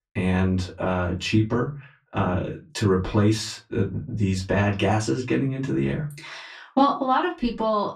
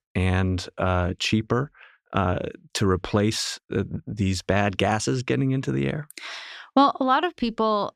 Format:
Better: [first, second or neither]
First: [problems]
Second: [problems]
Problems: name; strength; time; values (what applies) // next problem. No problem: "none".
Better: second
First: off-mic speech; far // room echo; very slight; dies away in 0.2 s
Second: none